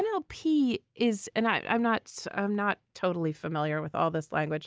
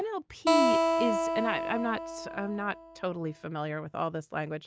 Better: first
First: none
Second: background sound (Acoustic guitar); 3 dB above the speech

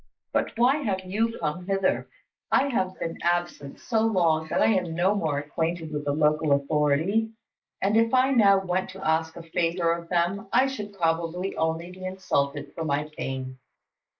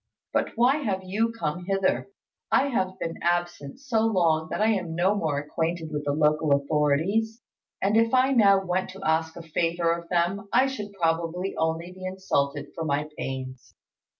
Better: second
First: noise reduction (neural mask model Resemble Enhance denoiser)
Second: none

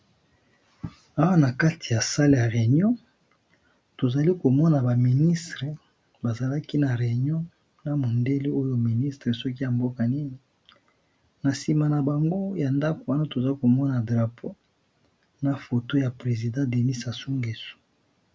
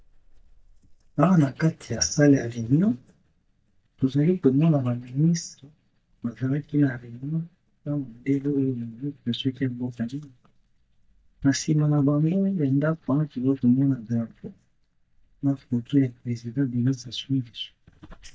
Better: first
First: none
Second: noise reduction (neural mask model DeepFilterNet 3)

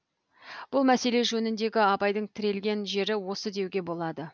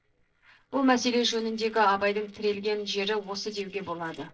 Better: first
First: none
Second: noise reduction (neural separator model SepFormer DNS4)

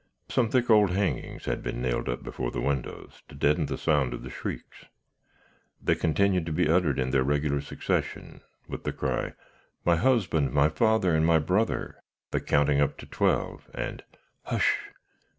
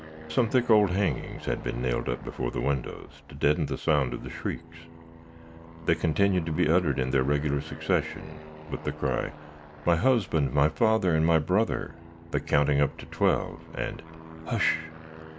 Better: first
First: none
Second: background sound (Aircraft); 17 dB below the speech

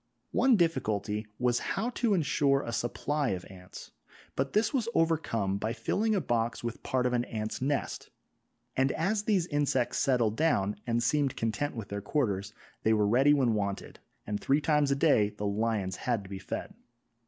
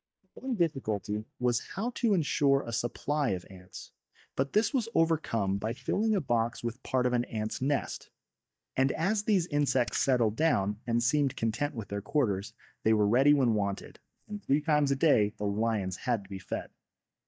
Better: first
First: none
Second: noise reduction (neural mask model DeepFilterNet 3)

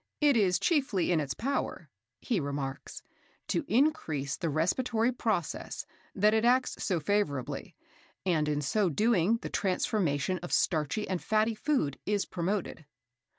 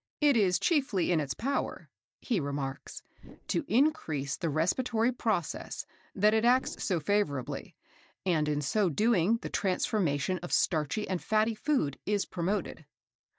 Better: first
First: none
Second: noise reduction (neural mask model DeepFilterNet 3)

